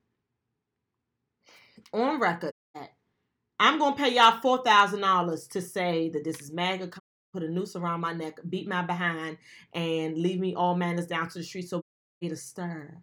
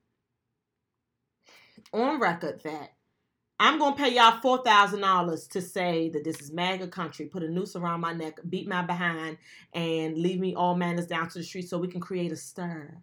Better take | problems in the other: second | audio cutting out; at 2.5 s, at 7 s and at 12 s

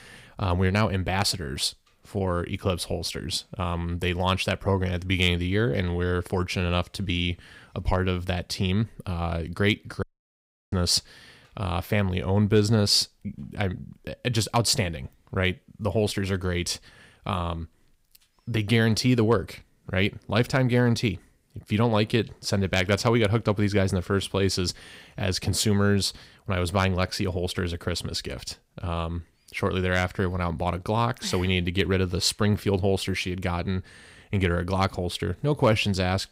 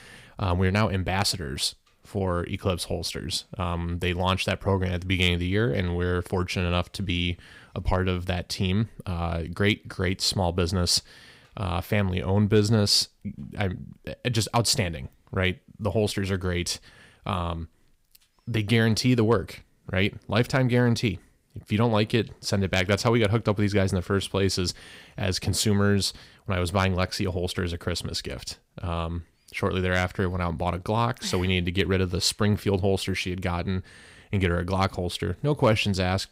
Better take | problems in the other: second | audio cutting out; at 10 s for 0.5 s

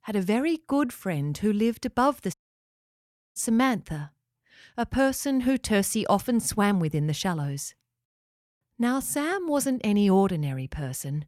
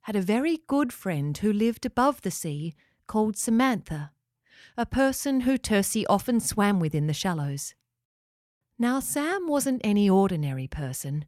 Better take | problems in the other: second | audio cutting out; at 2.5 s for 1 s

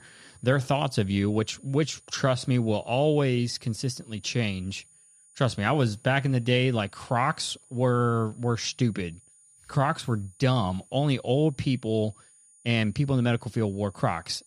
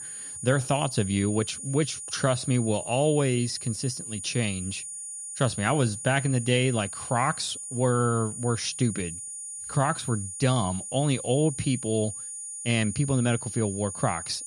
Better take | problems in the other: first | high-pitched whine; loud; throughout; 9.5 kHz, 8 dB below the speech; faint in the first

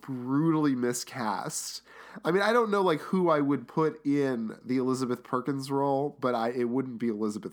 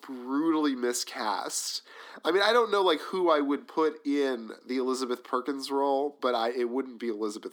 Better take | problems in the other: first | thin; very slightly; fading below 300 Hz

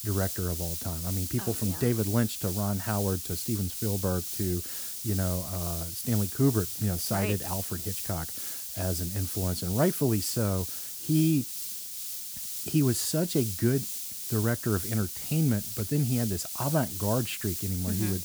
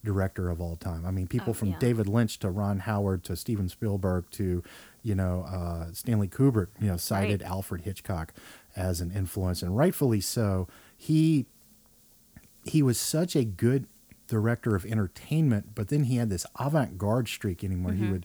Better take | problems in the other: second | hiss; loud; throughout; 4 dB below the speech; faint in the second

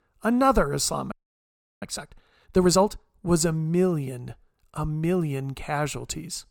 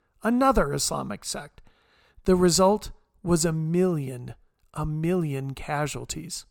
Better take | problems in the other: second | audio freezing; at 1 s for 0.5 s

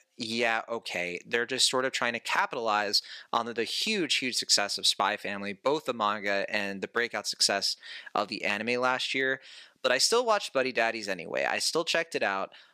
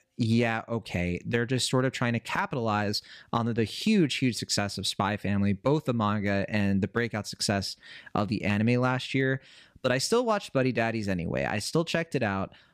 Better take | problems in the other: second | thin; somewhat; fading below 500 Hz

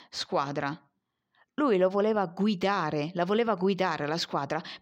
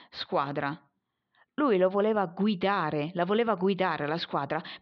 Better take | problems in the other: first | muffled; very slightly; fading above 4 kHz

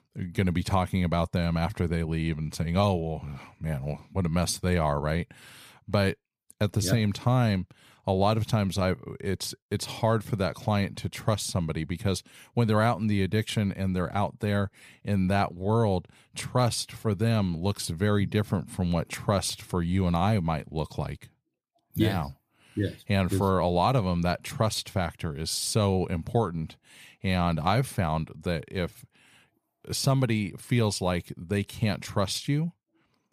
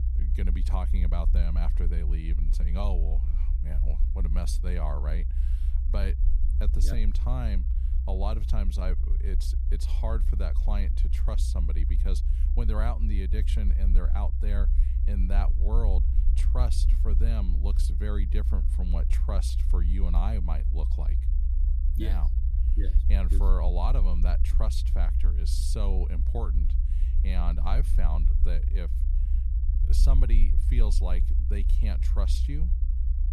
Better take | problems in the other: first | low rumble; loud; throughout; 7 dB below the speech

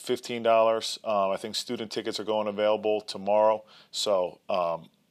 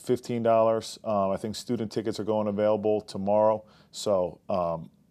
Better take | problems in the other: second | thin; very slightly; fading below 1 kHz

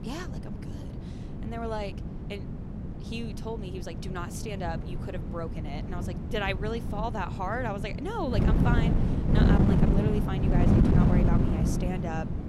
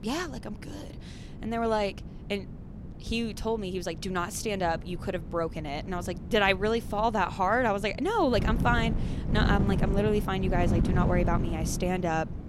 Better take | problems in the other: second | wind noise on the microphone; heavy; 1 dB below the speech; occasional gusts in the second

